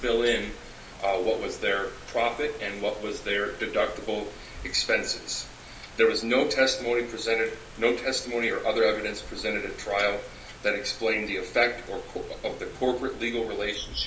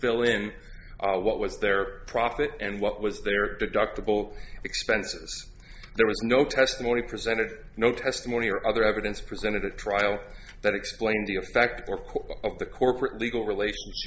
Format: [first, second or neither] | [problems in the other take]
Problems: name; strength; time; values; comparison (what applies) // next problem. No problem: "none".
second | background sound (Rain); 17 dB below the speech // room echo; dies away in 0.3 s